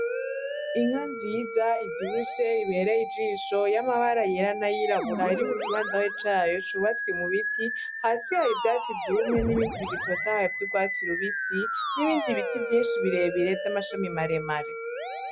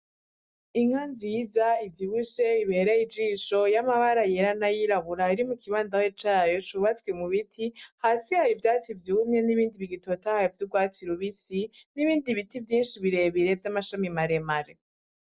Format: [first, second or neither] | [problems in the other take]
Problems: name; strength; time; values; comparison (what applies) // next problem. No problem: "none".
second | background sound (Musical instrument); 4 dB below the speech